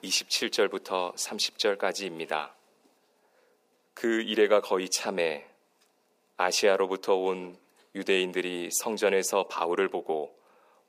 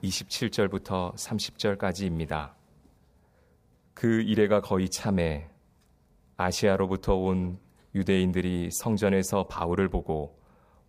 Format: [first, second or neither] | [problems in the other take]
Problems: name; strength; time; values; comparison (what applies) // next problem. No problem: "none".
second | thin; somewhat; fading below 300 Hz